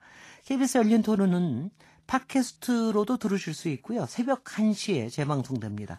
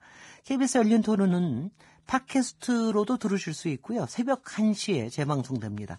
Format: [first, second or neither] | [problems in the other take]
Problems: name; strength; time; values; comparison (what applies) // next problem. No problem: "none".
first | garbled, watery; badly; nothing above 10 kHz; slightly in the first